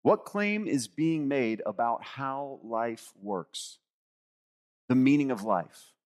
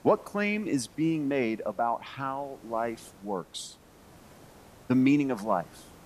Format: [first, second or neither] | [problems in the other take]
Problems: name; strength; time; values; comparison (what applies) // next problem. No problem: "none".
first | hiss; faint; throughout; 25 dB below the speech